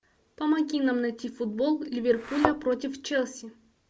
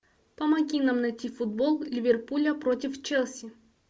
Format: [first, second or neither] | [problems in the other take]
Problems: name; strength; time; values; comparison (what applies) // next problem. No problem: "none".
second | background sound (Thump, thud); 3 dB below the speech